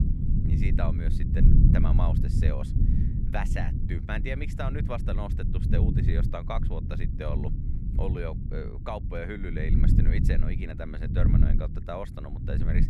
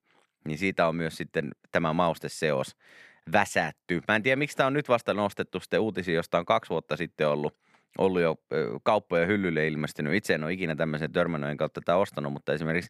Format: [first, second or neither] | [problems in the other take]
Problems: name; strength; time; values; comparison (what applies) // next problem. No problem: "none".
second | low rumble; loud; throughout; 3 dB below the speech